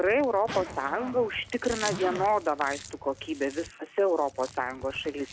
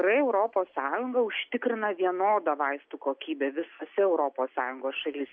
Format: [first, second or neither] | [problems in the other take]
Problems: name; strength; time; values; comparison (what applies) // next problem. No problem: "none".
second | background sound (Chewing, mastication + Zipper (clothing)); 13 dB below the speech